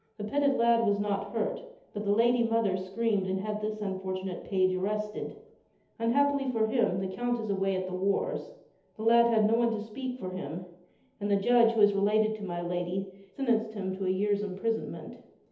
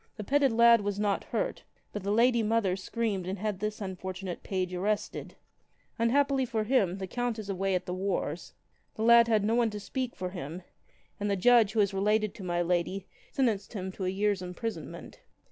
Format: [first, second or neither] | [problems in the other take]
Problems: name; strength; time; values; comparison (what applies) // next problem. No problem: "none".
second | room echo; dies away in 0.8 s